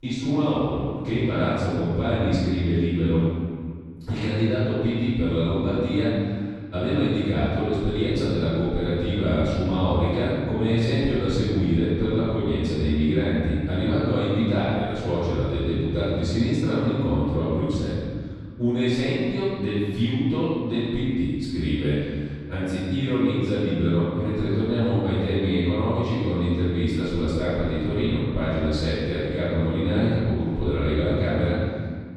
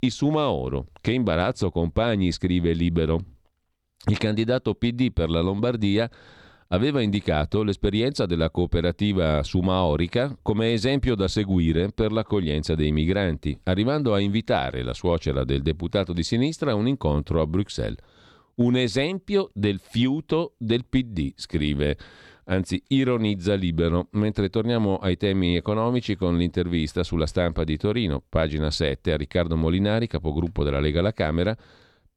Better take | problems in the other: second | room echo; strong; dies away in 1.9 s // off-mic speech; far

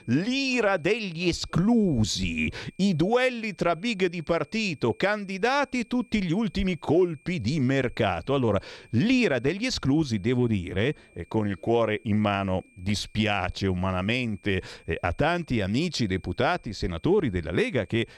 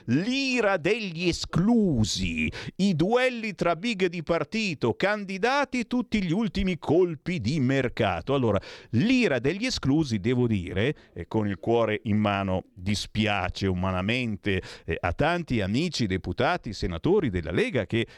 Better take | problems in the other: second | high-pitched whine; faint; throughout; 2.5 kHz, 30 dB below the speech

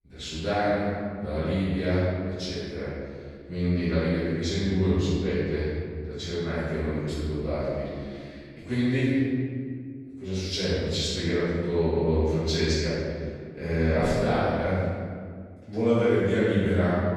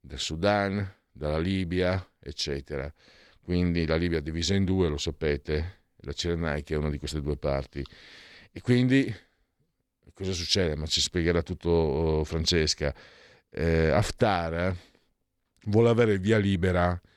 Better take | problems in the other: second | off-mic speech; far // room echo; strong; dies away in 2 s

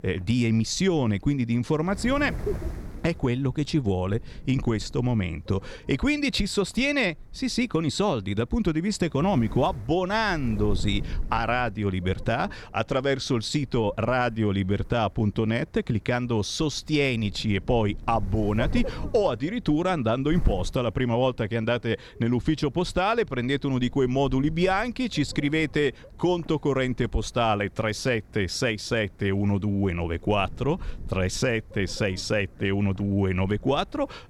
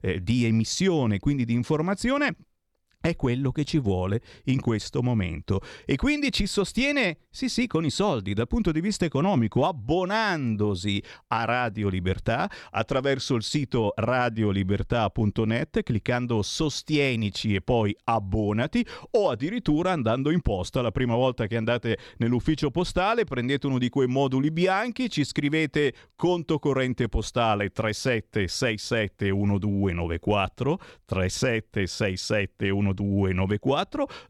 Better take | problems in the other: second | wind noise on the microphone; occasional gusts; 20 dB below the speech

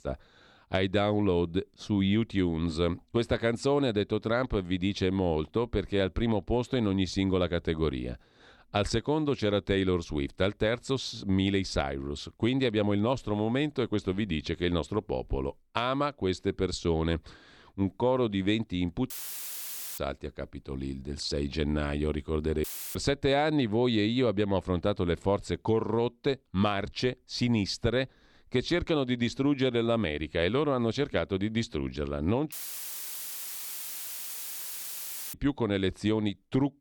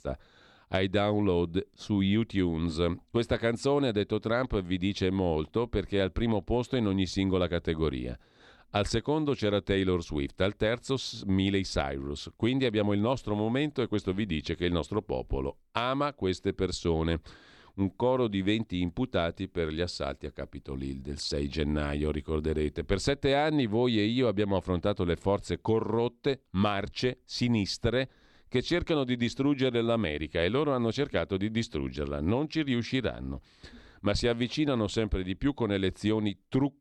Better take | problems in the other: second | audio cutting out; filled with static; at 19 s for 1 s, at 23 s and at 33 s for 3 s

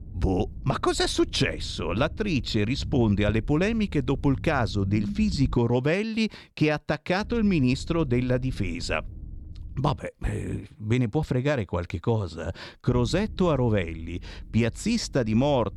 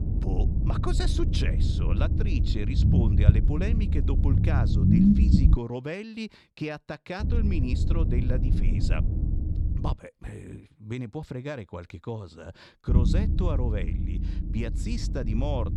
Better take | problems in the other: first | low rumble; loud; until 5.5 s, from 7 to 10 s and from 13 s on; as loud as the speech; faint in the first

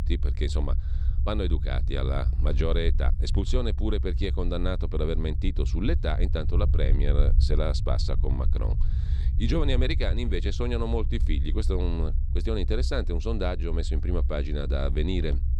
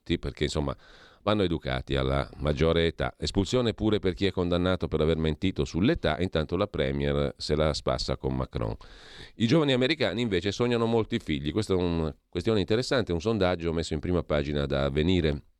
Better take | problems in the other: second | low rumble; noticeable; throughout; 15 dB below the speech

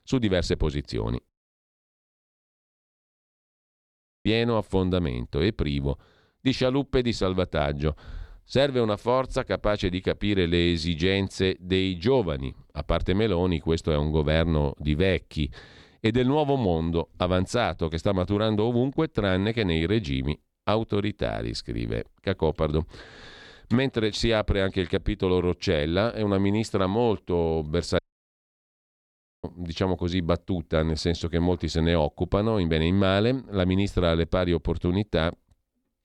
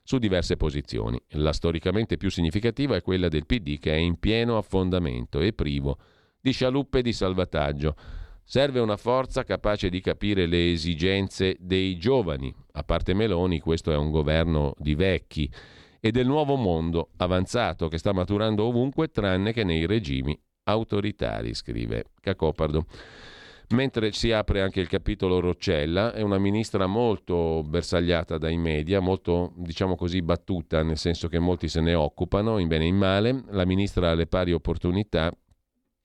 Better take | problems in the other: second | audio cutting out; at 1.5 s for 3 s and at 28 s for 1.5 s

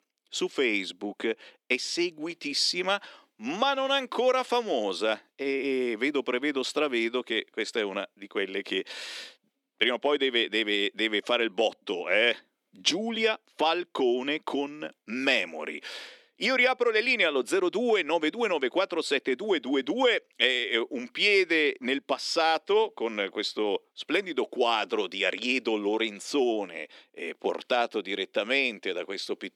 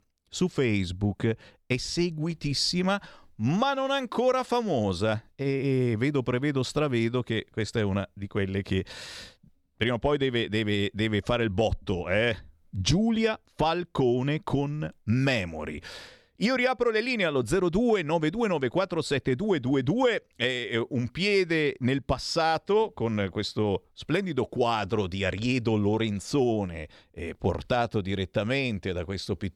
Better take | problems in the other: second | thin; somewhat; fading below 250 Hz

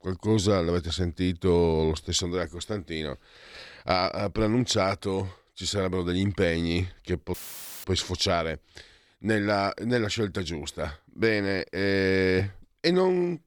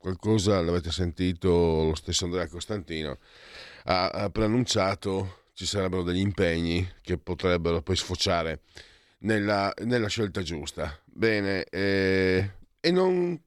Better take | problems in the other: second | audio cutting out; filled with static; at 7.5 s for 0.5 s

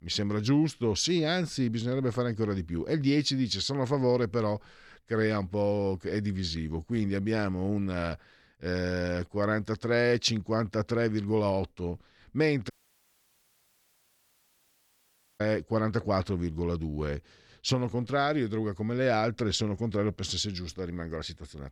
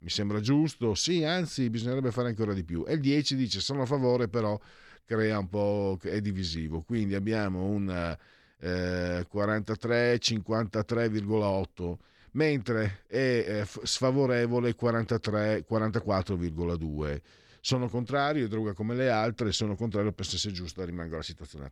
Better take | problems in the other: second | audio cutting out; at 13 s for 2.5 s

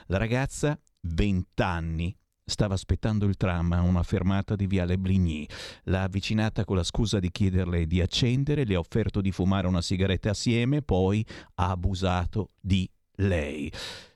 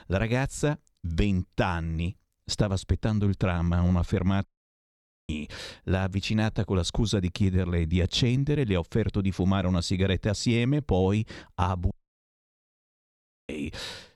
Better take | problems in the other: first | audio cutting out; at 4.5 s for 1 s and at 12 s for 1.5 s

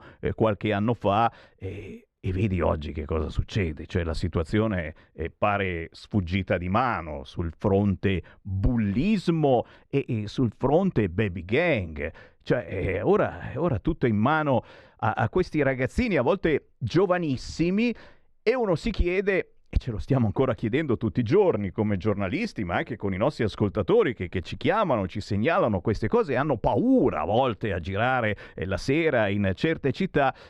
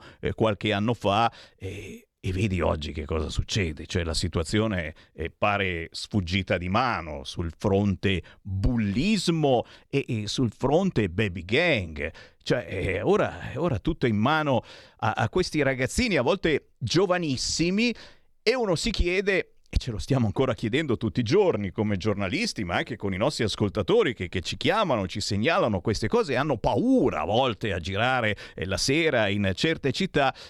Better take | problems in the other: second | muffled; slightly; fading above 3 kHz

